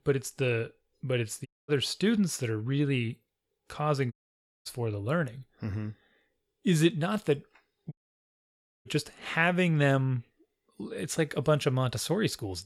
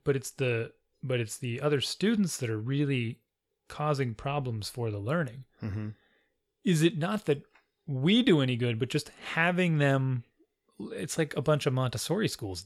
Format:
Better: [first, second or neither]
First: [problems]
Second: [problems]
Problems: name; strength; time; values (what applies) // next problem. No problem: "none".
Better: second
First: audio cutting out; at 1.5 s, at 4 s for 0.5 s and at 8 s for 1 s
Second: none